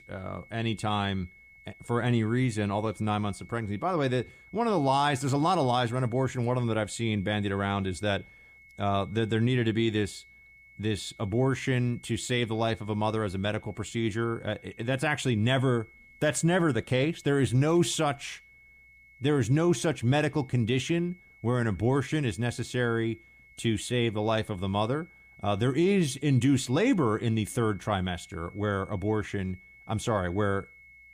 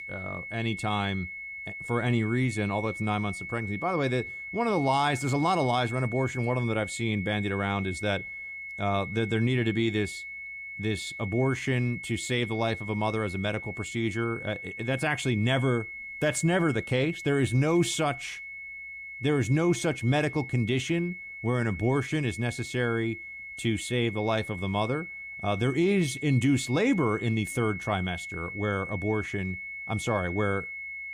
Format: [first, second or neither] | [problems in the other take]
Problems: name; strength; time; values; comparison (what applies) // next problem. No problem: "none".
first | high-pitched whine; loud; throughout; 2 kHz, 9 dB below the speech; faint in the first